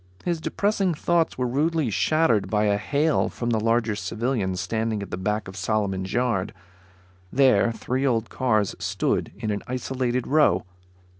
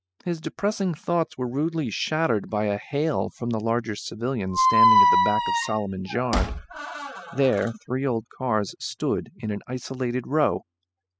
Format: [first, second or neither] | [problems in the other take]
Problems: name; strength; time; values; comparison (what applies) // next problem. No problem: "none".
first | noise reduction (classical method spectral subtraction)